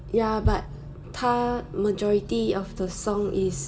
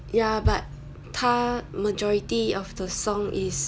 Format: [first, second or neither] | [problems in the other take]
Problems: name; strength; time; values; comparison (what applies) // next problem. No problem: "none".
second | room echo; dies away in 2 s